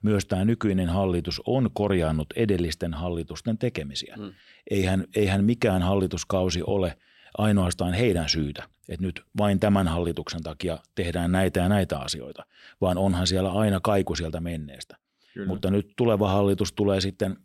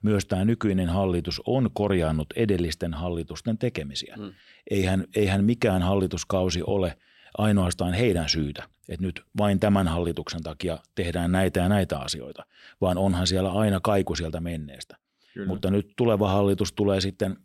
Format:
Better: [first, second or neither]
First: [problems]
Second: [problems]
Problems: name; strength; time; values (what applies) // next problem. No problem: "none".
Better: neither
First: none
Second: none